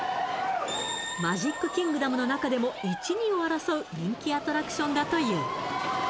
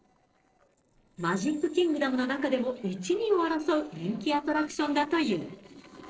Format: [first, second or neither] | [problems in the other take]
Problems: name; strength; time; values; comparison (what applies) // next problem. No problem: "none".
first | noise reduction (neural separator model SepFormer DNS4)